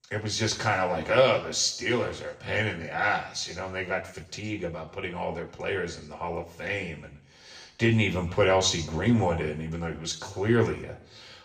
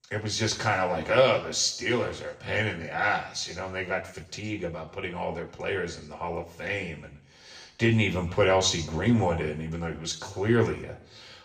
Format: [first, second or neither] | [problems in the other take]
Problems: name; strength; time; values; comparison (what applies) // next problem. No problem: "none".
neither | room echo; slight; dies away in 0.6 s; the same in both // off-mic speech; somewhat distant; the same in both